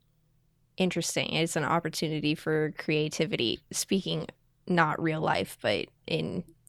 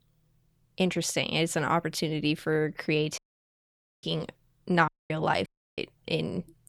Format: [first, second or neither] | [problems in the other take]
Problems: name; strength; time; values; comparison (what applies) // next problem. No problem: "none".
first | audio cutting out; at 3 s for 1 s, at 5 s and at 5.5 s